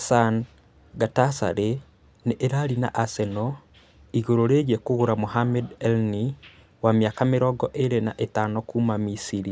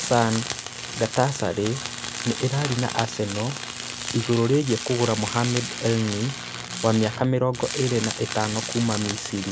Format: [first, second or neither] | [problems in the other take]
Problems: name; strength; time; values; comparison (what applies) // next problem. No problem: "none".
first | background sound (Tools); 7 dB below the speech